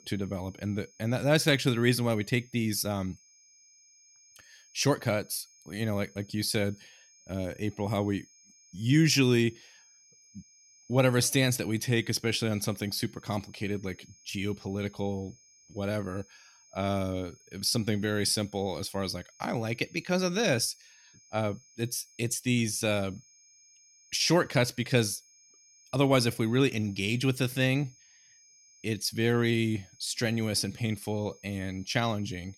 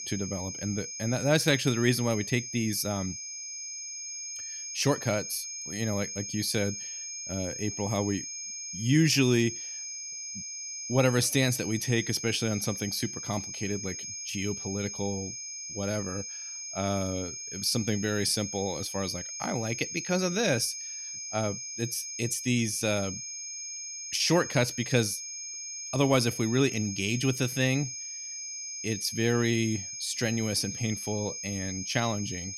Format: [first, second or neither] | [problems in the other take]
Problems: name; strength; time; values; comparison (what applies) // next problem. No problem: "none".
first | high-pitched whine; loud; throughout; 6.5 kHz, 6 dB below the speech; faint in the first